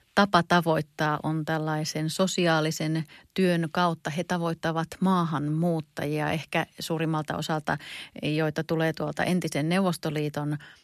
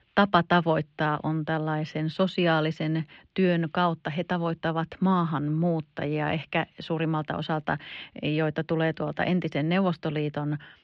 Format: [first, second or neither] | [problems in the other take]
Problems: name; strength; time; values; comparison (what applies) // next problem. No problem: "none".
first | muffled; slightly; fading above 3 kHz